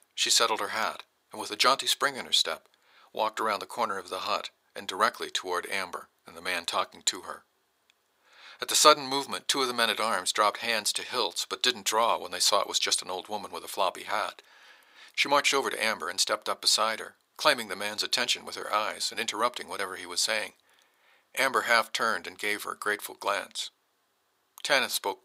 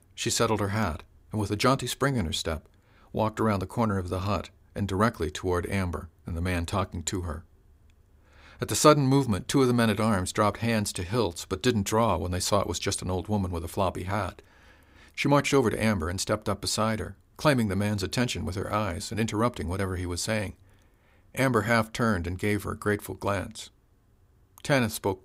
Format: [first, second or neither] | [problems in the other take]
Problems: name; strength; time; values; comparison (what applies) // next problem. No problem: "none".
second | thin; very; fading below 700 Hz